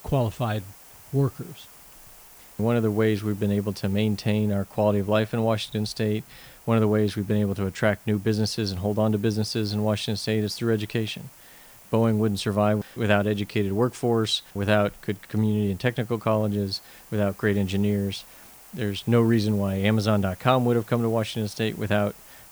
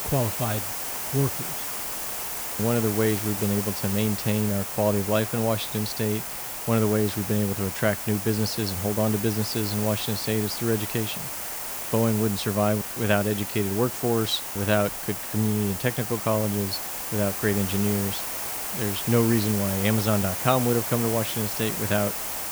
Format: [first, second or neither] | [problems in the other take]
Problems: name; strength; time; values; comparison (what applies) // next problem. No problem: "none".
first | hiss; loud; throughout; 3 dB below the speech; faint in the first